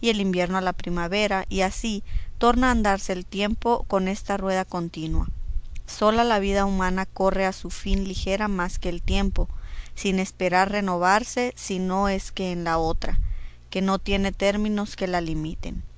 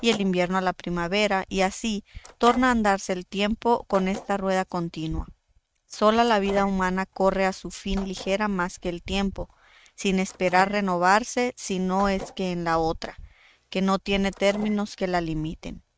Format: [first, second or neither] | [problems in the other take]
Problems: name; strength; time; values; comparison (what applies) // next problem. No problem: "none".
first | noise reduction (neural mask model RNNoise)